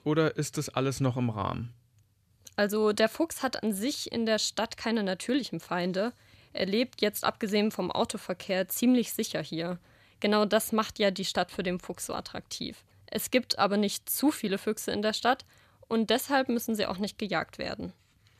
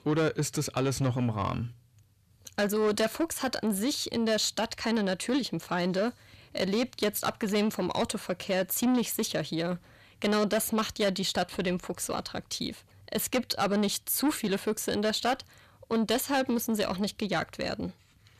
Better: first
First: none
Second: distortion; slight; 10 dB below the speech

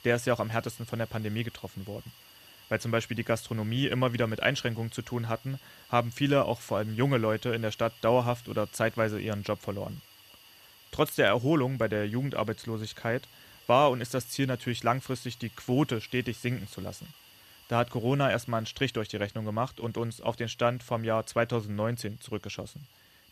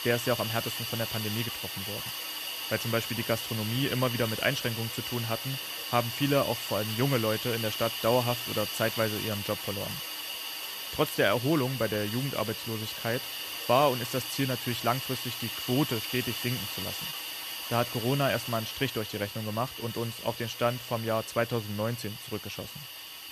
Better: first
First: hiss; faint; throughout; 25 dB below the speech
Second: hiss; loud; throughout; 4 dB below the speech

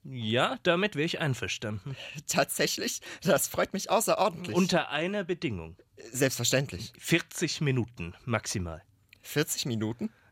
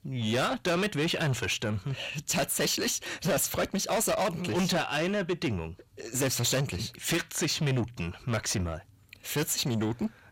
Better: first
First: none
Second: distortion; heavy; 6 dB below the speech

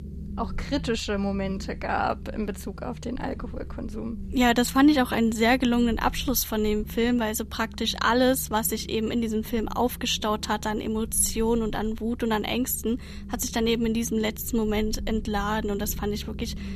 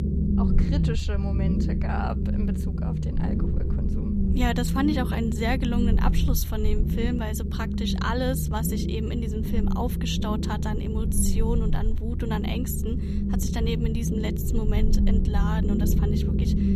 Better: first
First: low rumble; faint; throughout; 20 dB below the speech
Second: low rumble; loud; throughout; 3 dB below the speech

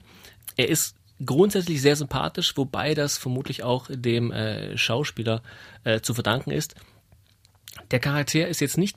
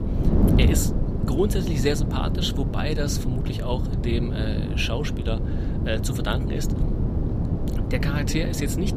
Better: first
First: none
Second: wind noise on the microphone; heavy; 4 dB below the speech

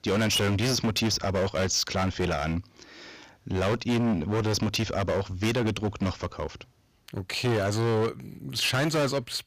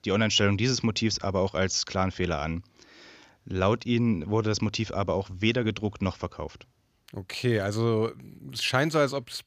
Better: second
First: distortion; heavy; 19% of the sound clipped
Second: none

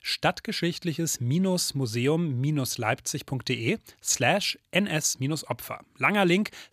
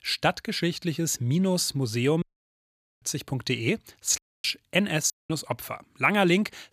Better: first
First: none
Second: audio cutting out; at 2 s for 1 s, at 4 s and at 5 s

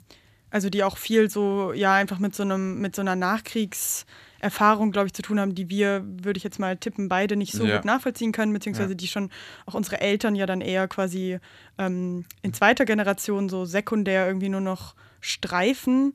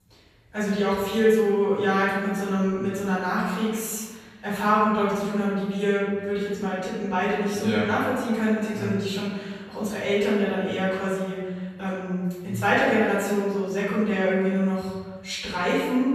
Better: first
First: none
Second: off-mic speech; far // room echo; strong; dies away in 1.3 s

